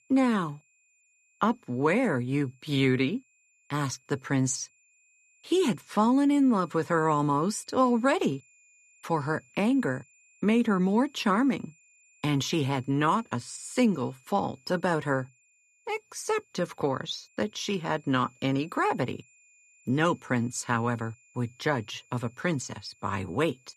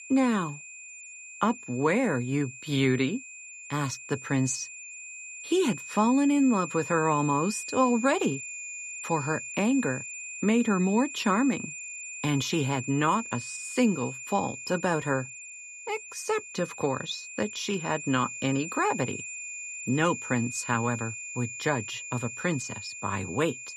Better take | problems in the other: first | high-pitched whine; loud; throughout; 2.5 kHz, 10 dB below the speech; faint in the first

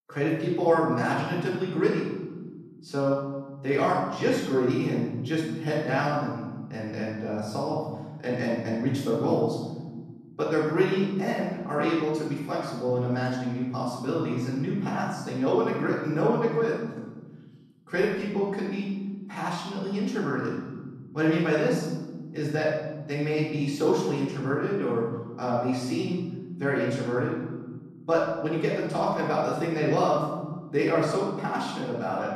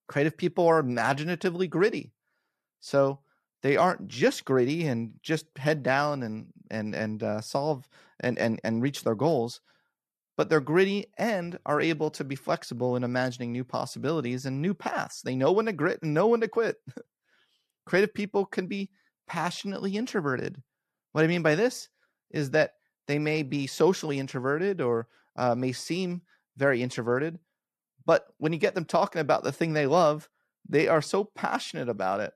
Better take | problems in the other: second | room echo; strong; dies away in 1.7 s // off-mic speech; far

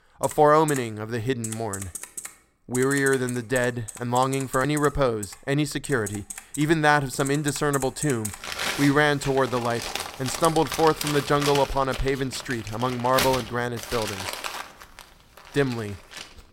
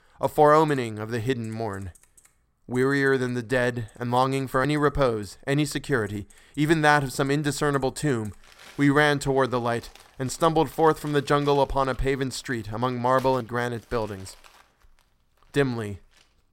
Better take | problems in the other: second | household noises; loud; throughout; 9 dB below the speech; faint in the second

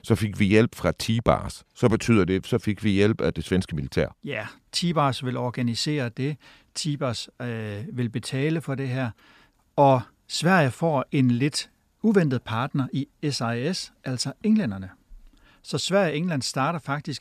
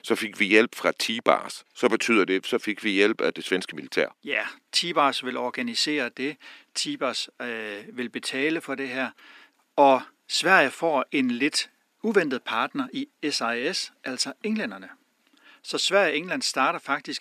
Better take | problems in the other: first | thin; somewhat; fading below 300 Hz

